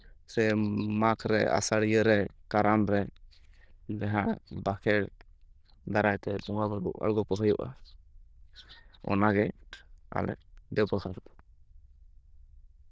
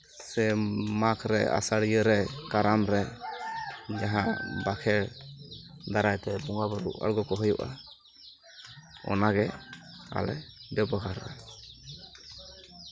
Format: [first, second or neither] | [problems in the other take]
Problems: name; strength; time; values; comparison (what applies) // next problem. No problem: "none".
second | noise reduction (neural diffusion model UNIVERSE++)